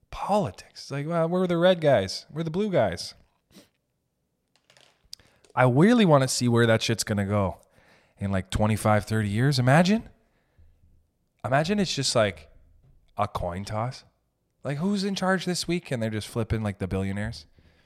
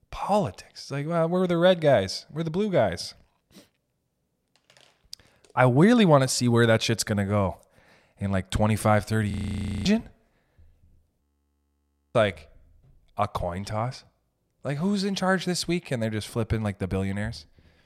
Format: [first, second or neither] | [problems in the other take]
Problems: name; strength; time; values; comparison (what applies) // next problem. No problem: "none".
first | audio freezing; at 9.5 s for 0.5 s and at 11 s for 1 s